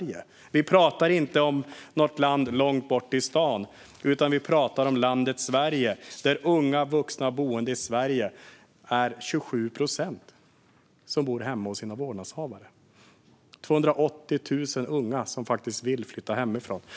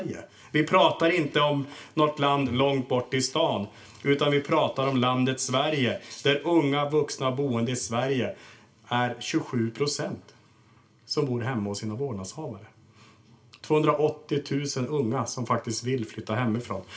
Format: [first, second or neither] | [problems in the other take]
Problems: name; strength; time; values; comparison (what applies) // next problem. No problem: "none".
first | room echo; dies away in 0.2 s